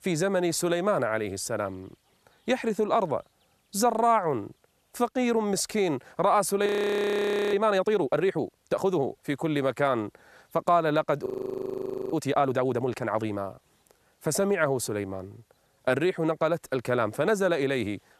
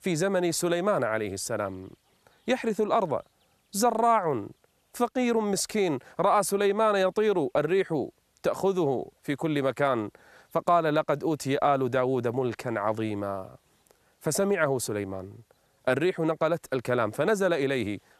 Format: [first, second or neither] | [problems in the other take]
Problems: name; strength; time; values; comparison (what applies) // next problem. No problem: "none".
second | audio freezing; at 6.5 s for 1 s and at 11 s for 1 s